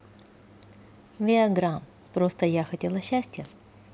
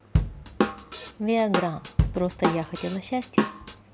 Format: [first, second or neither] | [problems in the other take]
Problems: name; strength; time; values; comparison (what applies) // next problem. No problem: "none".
first | background sound (Drum / Drum kit); 2 dB above the speech